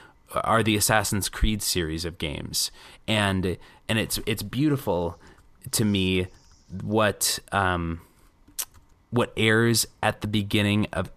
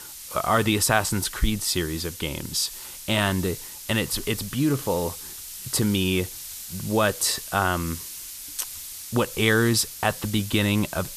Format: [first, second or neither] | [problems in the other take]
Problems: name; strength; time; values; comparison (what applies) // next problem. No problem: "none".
first | hiss; noticeable; throughout; 10 dB below the speech